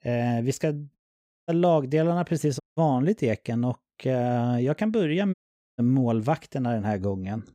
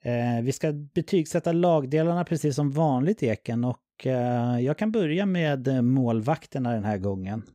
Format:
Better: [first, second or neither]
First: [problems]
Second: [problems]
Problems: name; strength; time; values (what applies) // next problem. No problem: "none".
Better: second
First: audio cutting out; at 1 s for 0.5 s, at 2.5 s and at 5.5 s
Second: none